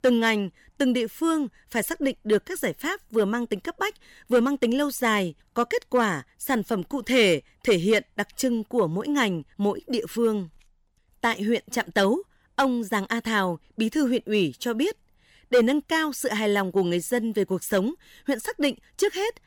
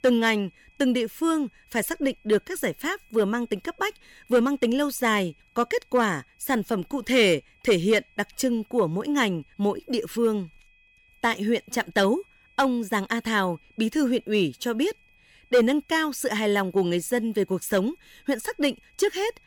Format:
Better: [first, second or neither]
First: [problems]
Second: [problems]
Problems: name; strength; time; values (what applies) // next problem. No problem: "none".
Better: first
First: none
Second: high-pitched whine; faint; throughout; 2.5 kHz, 35 dB below the speech